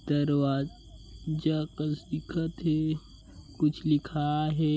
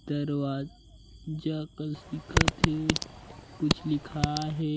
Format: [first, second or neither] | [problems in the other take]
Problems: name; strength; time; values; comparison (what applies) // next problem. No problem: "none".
first | background sound (Fart); 2 dB above the speech